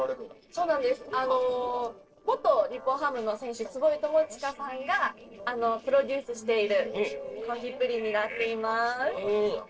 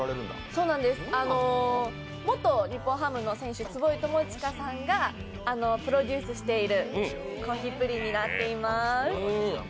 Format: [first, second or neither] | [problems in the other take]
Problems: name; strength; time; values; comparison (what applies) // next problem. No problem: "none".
second | noise reduction (neural separator model SepFormer DNS4)